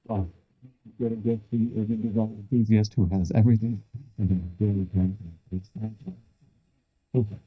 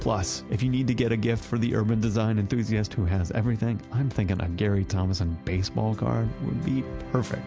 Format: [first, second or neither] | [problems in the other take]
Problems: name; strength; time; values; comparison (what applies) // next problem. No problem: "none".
second | noise reduction (neural mask model DeepFilterNet 3)